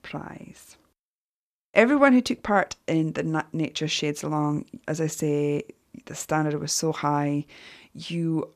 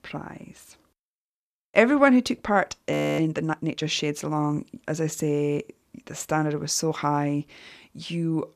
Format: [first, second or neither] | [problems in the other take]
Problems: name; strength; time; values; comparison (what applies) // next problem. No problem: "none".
first | audio freezing; at 3 s